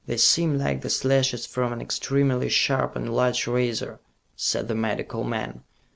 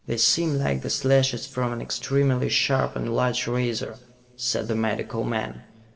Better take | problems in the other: first | room echo; dies away in 2.7 s

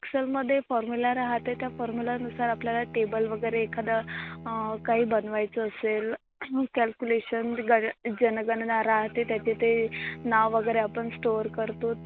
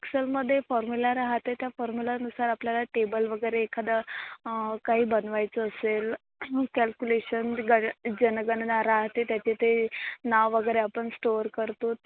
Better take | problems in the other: second | background sound (Bowed string instrument); 18 dB below the speech

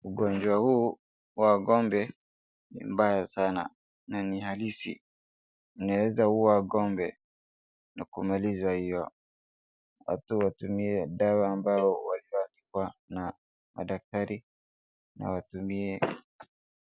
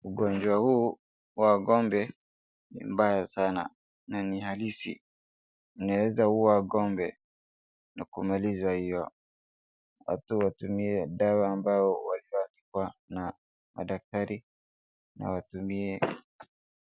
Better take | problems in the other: second | background sound (Cowbell); 8 dB below the speech

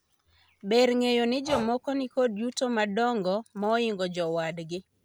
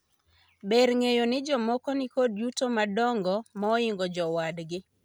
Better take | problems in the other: second | background sound (Breathing); 16 dB below the speech

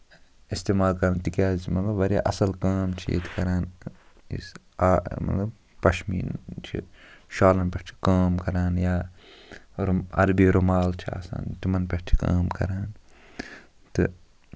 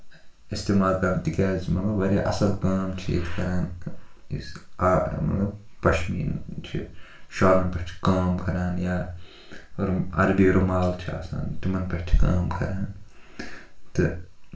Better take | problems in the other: first | room echo; dies away in 0.3 s

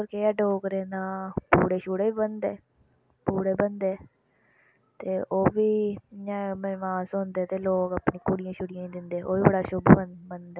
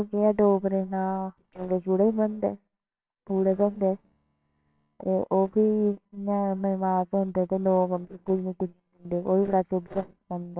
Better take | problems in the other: first | noise reduction (neural separator model SepFormer WHAMR!)

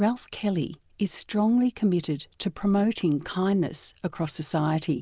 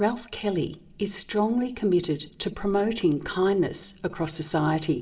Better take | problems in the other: first | room echo; dies away in 0.7 s

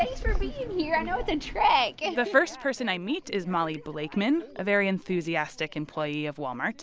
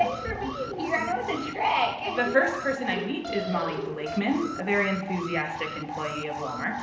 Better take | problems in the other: first | background sound (Alarm); 8 dB below the speech // room echo; dies away in 0.8 s

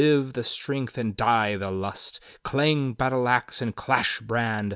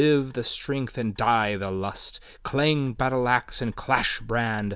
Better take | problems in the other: first | background sound (Clock); 20 dB below the speech

